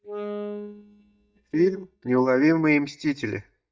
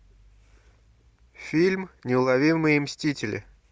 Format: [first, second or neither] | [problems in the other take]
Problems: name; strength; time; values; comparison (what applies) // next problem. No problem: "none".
second | noise reduction (neural mask model DeepFilterNet 3)